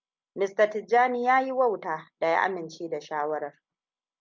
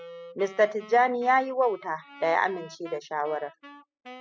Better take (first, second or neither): first